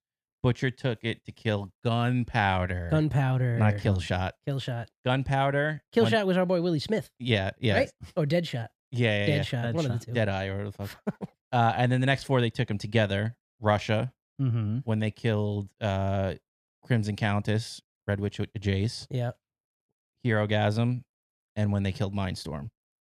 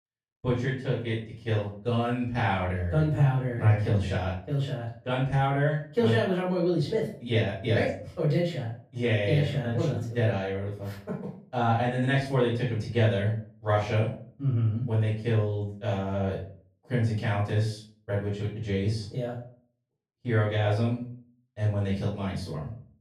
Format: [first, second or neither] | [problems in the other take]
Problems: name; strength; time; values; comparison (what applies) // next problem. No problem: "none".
first | off-mic speech; far // room echo; noticeable; dies away in 0.4 s